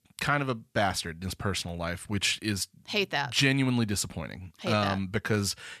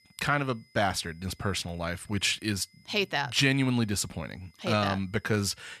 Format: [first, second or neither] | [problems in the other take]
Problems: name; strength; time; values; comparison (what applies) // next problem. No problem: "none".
first | high-pitched whine; faint; throughout; 2 kHz, 35 dB below the speech